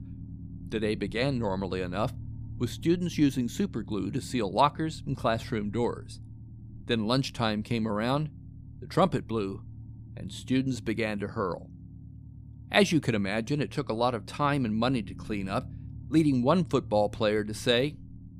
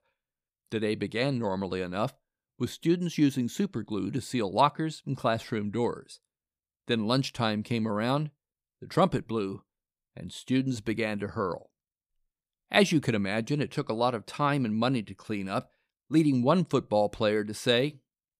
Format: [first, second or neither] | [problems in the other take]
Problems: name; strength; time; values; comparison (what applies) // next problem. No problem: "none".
second | low rumble; faint; throughout; 25 dB below the speech